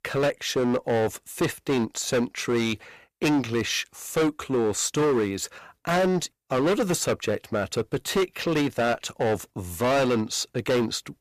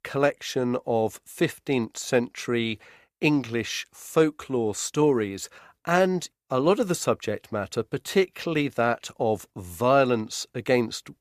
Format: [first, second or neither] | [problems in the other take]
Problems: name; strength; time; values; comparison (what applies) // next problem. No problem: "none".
second | distortion; heavy; 13% of the sound clipped